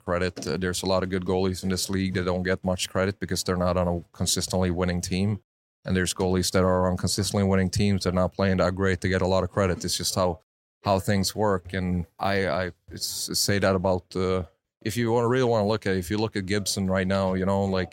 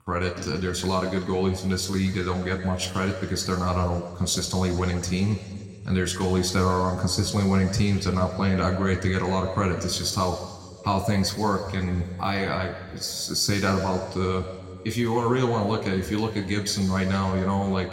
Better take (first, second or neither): first